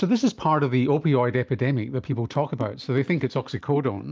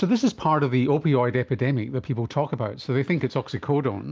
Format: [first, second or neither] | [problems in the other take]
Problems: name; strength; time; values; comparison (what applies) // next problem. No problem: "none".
second | noise reduction (neural mask model DeepFilterNet 3)